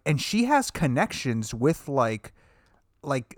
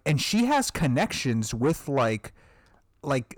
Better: first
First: none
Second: distortion; slight; 10 dB below the speech

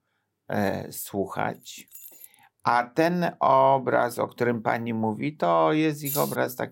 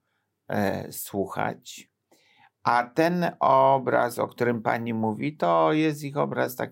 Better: second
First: jangling keys; faint; at 1.5 s; peak 20 dB below the speech // jangling keys; noticeable; at 6 s; peak 5 dB below the speech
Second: none

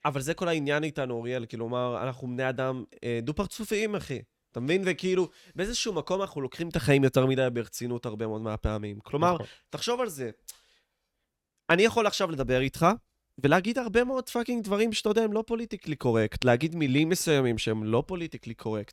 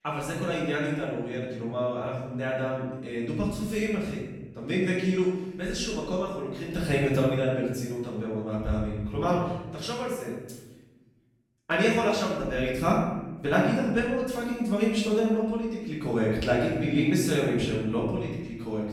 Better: first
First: none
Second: room echo; noticeable; dies away in 1.1 s // off-mic speech; far

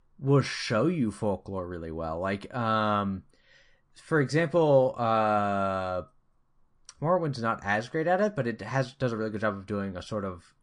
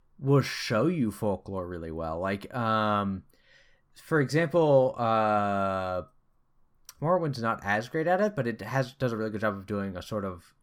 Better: second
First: garbled, watery; slightly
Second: none

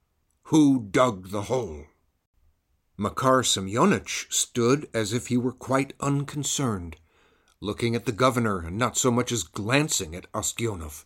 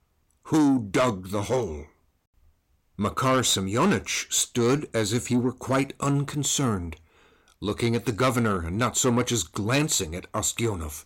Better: first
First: none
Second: distortion; slight; 10 dB below the speech

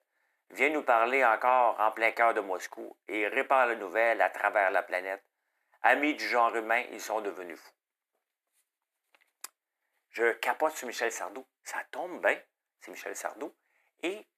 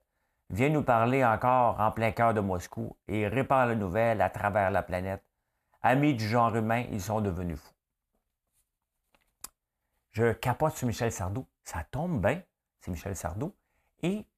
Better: second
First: thin; somewhat; fading below 300 Hz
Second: none

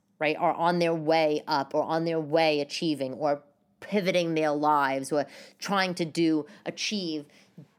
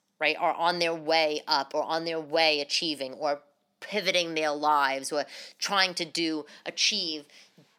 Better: first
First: none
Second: thin; somewhat; fading below 700 Hz

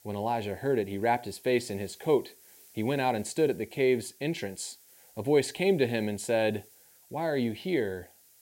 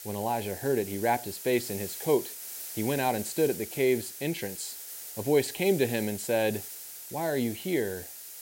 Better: first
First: hiss; faint; throughout; 25 dB below the speech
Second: hiss; loud; throughout; 9 dB below the speech

